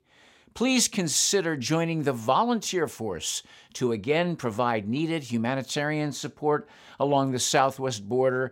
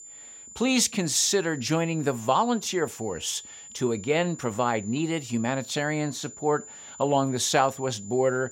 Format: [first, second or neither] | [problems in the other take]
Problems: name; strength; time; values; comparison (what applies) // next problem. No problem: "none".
first | high-pitched whine; noticeable; throughout; 7 kHz, 15 dB below the speech